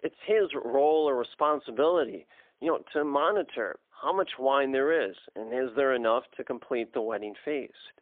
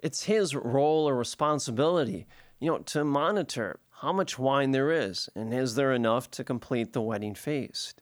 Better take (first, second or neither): second